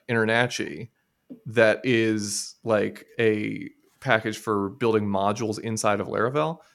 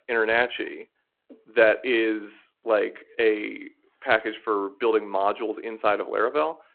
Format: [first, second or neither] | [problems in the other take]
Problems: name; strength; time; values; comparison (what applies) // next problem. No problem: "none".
first | phone-call audio